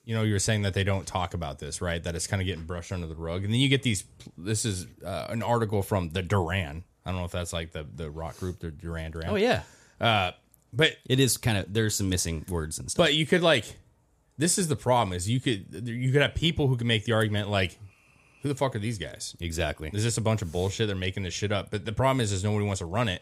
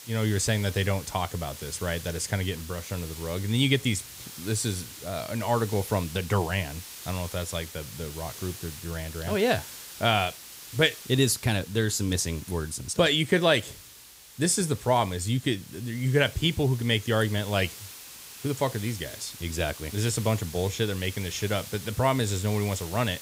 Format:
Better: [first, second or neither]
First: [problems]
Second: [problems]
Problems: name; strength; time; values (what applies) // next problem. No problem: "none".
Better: first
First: none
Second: hiss; noticeable; throughout; 15 dB below the speech